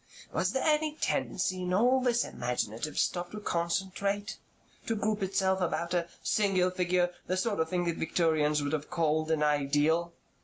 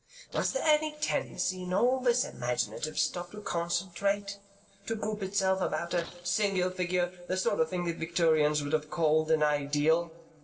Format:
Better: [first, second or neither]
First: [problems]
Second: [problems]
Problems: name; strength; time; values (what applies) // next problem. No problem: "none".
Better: first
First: none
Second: noise reduction (neural separator model SepFormer DNS4)